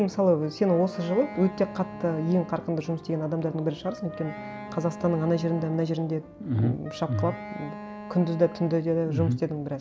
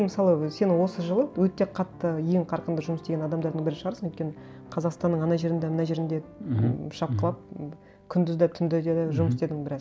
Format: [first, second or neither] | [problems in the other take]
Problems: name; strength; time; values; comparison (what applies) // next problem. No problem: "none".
second | background sound (Wind instrument, woodwind instrument); 15 dB below the speech